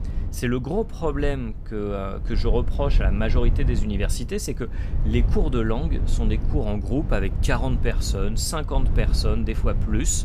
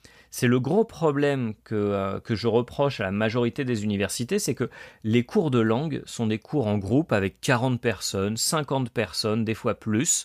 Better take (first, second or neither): second